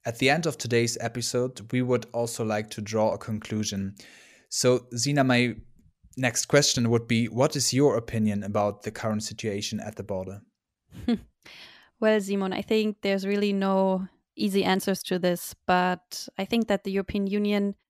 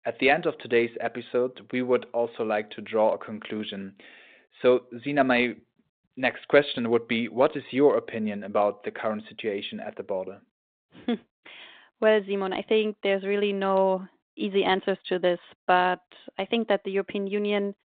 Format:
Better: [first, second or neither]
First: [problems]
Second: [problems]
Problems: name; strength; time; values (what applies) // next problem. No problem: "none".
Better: first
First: none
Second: phone-call audio; nothing above 4 kHz